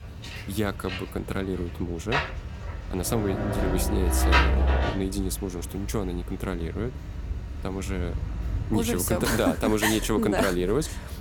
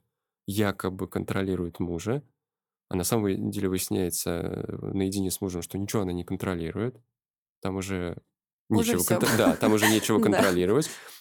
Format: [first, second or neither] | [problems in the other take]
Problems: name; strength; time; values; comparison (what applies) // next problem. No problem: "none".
second | rain or running water; loud; throughout; 2 dB below the speech